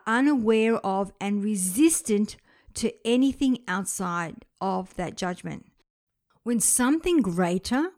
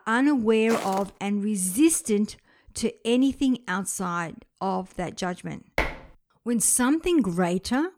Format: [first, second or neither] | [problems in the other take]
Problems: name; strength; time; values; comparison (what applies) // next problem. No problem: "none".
first | footsteps; noticeable; at 0.5 s; peak 8 dB below the speech // clattering dishes; noticeable; at 6 s; peak 4 dB below the speech